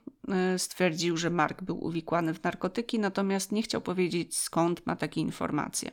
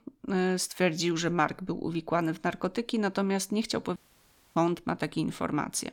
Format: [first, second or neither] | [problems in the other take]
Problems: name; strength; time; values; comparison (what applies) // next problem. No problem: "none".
first | audio cutting out; at 4 s for 0.5 s